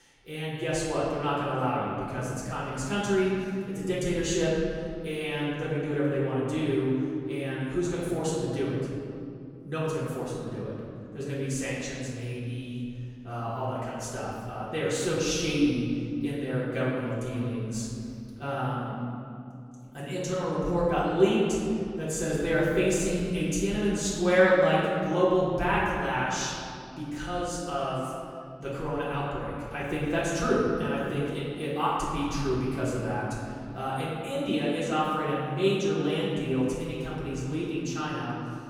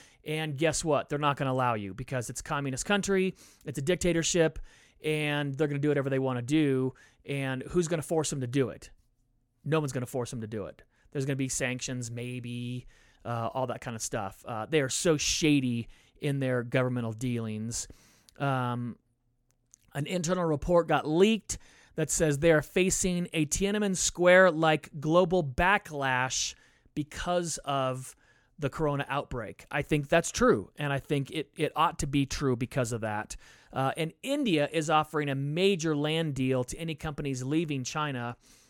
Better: second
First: off-mic speech; far // room echo; strong; dies away in 2.4 s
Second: none

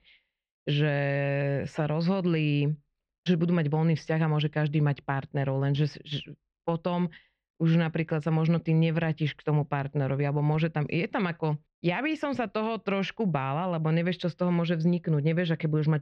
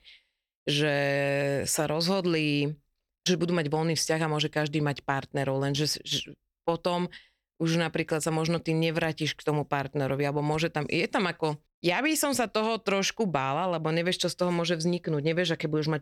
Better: second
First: muffled; slightly; fading above 3 kHz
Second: none

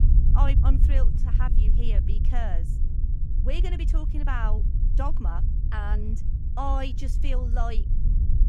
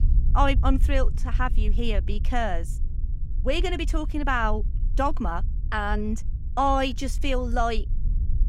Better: second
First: low rumble; loud; throughout; 8 dB below the speech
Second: low rumble; faint; throughout; 20 dB below the speech

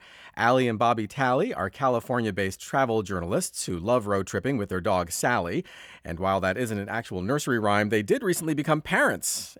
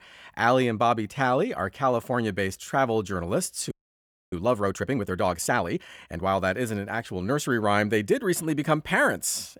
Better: first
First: none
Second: audio freezing; at 3.5 s for 0.5 s

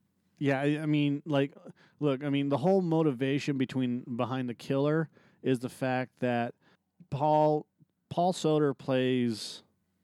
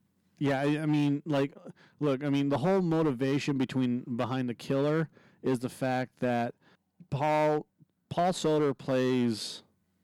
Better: first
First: none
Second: distortion; slight; 6% of the sound clipped

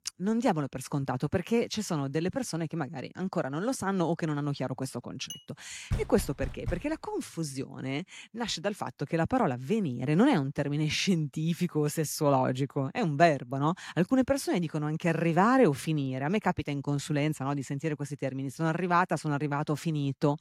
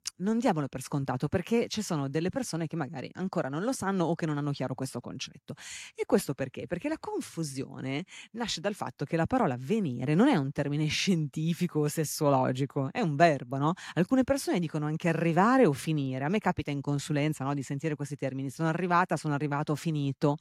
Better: second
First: clattering dishes; faint; at 5.5 s; peak 15 dB below the speech // door banging; noticeable; at 6 s; peak 6 dB below the speech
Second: none

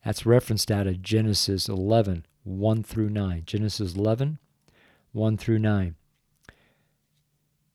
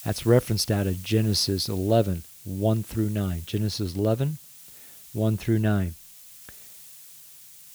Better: first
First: none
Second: hiss; noticeable; throughout; 20 dB below the speech

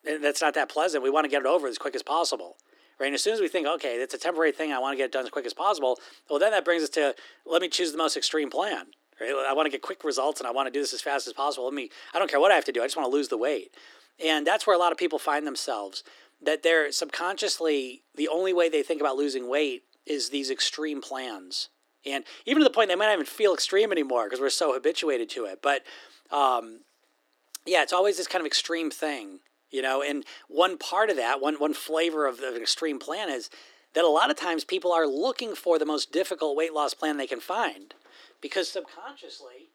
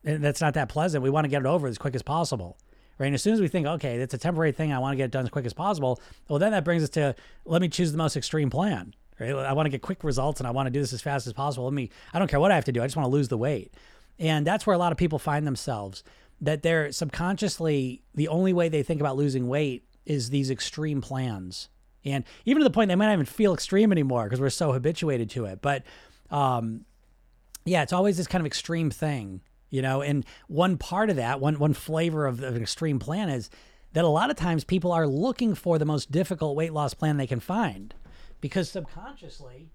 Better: second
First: thin; somewhat; fading below 300 Hz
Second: none

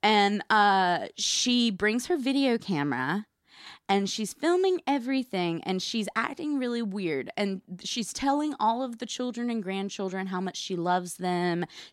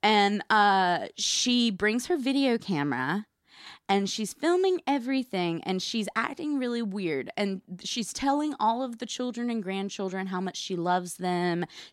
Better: neither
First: none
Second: none

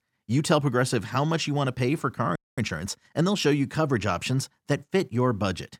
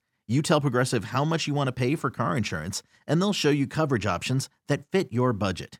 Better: second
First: audio freezing; at 2.5 s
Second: none

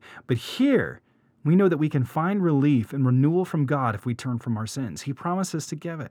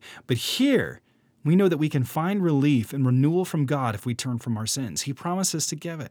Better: second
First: muffled; slightly; fading above 2.5 kHz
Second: none

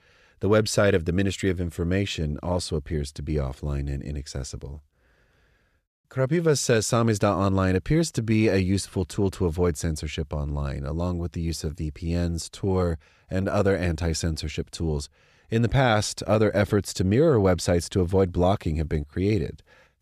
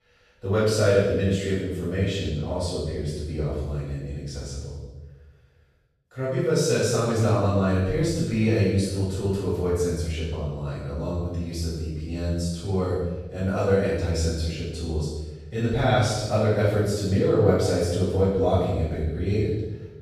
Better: first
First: none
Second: off-mic speech; far // room echo; strong; dies away in 1 s

